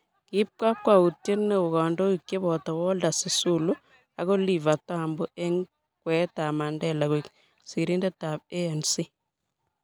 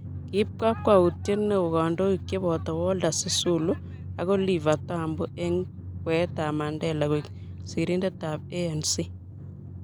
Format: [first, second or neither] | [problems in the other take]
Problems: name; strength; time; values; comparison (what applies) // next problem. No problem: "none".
first | background sound (Drum); 11 dB below the speech